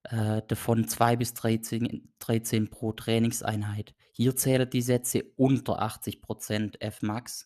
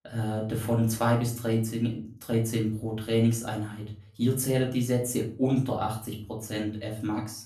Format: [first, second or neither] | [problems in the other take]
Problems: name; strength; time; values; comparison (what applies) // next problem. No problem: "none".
first | off-mic speech; far // room echo; slight; dies away in 0.4 s